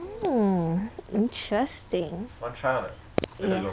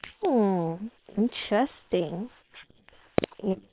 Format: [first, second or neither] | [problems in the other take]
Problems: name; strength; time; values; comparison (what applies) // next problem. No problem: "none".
first | noise reduction (neural separator model SepFormer WHAM!)